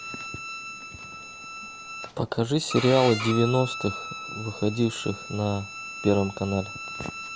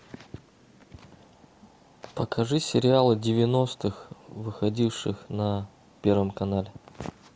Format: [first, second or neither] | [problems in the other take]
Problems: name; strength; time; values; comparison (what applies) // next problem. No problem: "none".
second | background sound (Bowed string instrument); 10 dB below the speech